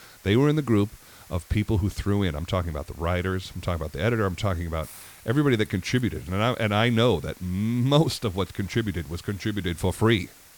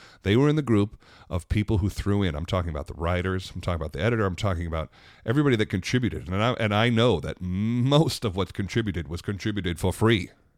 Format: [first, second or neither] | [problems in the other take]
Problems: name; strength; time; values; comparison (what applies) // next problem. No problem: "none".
second | hiss; faint; throughout; 25 dB below the speech